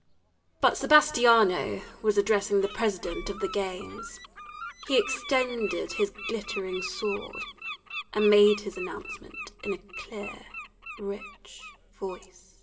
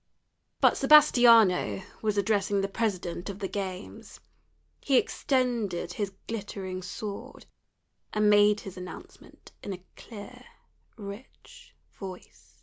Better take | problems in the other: second | background sound (Bird); 13 dB below the speech // room echo; dies away in 1.2 s

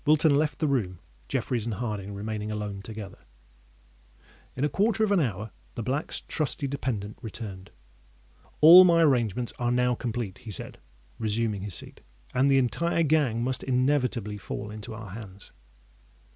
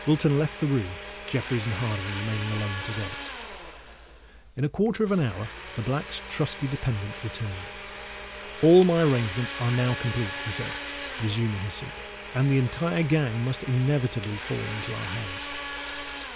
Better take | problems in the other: first | background sound (Domestic sounds, home sounds); 10 dB below the speech

